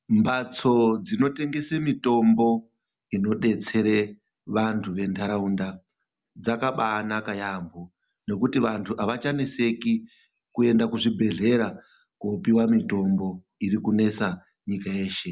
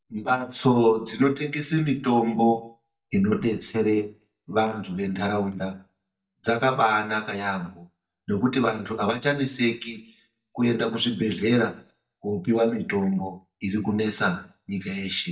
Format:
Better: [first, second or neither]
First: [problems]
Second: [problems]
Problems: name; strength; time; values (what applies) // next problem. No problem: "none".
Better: first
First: none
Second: noise reduction (neural mask model DeepFilterNet 3)